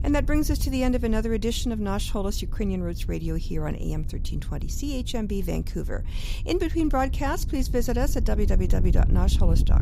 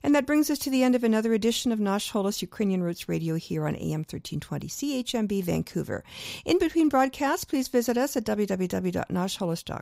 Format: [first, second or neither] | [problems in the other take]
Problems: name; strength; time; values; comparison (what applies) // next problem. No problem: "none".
second | wind noise on the microphone; occasional gusts; 15 dB below the speech